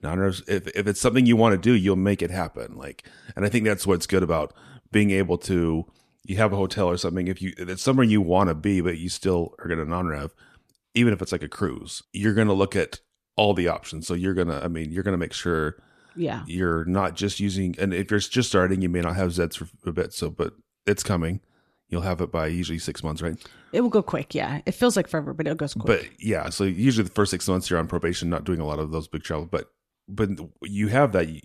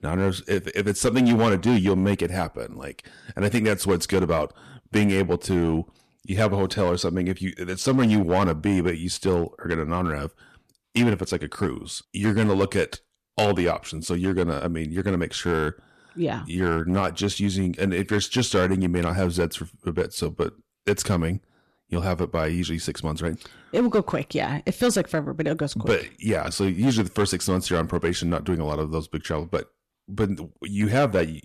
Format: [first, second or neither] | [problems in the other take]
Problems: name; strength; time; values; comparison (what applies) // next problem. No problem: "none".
first | distortion; slight; 4% of the sound clipped